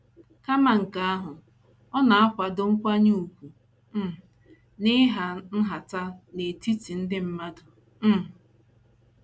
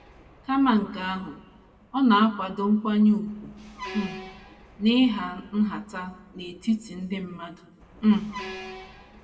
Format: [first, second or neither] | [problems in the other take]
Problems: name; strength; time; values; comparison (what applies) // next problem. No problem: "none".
first | background sound (Truck); 19 dB below the speech // room echo; dies away in 1.1 s